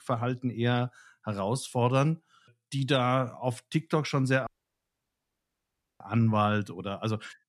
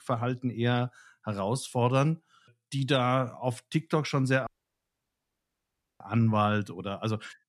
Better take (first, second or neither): neither